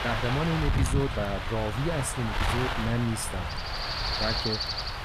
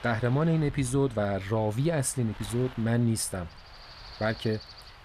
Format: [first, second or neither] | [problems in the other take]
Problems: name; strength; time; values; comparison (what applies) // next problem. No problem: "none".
second | wind noise on the microphone; heavy; 4 dB above the speech; occasional gusts in the second